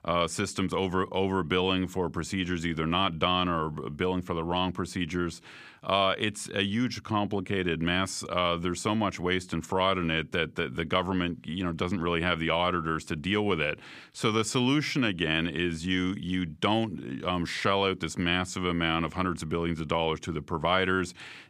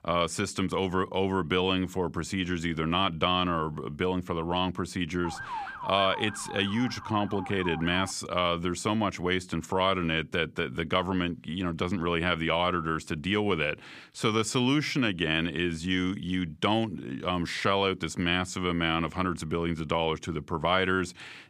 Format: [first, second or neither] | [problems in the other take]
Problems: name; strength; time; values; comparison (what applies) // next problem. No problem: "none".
first | siren; noticeable; from 5 to 8 s; peak 8 dB below the speech